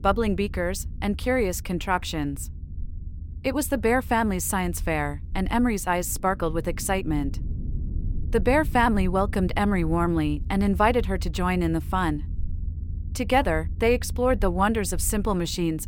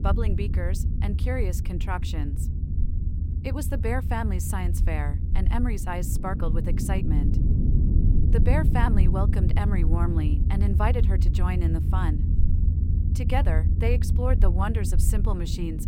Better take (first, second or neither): first